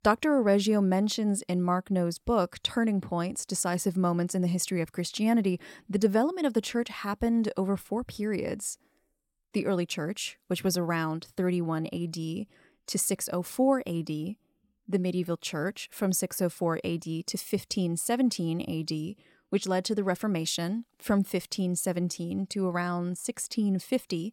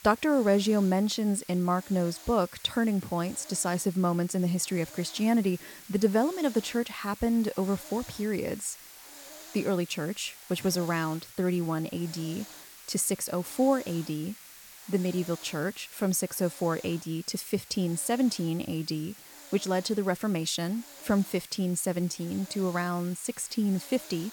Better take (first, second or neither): first